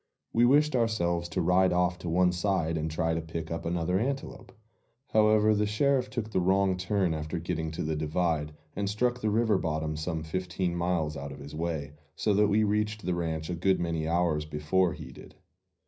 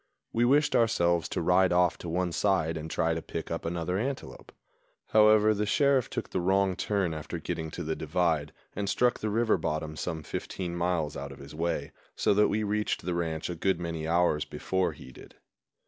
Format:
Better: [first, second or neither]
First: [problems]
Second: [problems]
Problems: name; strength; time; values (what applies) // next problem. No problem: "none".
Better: second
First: room echo; dies away in 0.4 s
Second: none